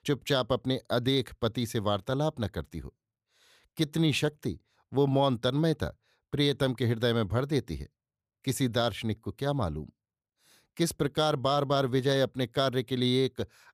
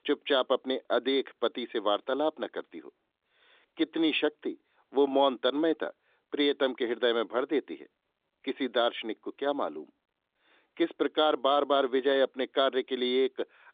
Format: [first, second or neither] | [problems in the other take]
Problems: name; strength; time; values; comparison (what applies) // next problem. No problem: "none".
first | phone-call audio; nothing above 3.5 kHz